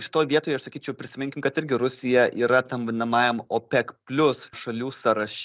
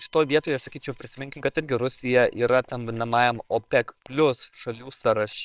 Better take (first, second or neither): first